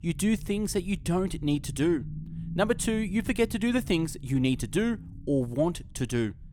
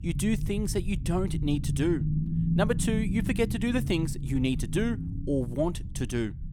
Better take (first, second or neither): first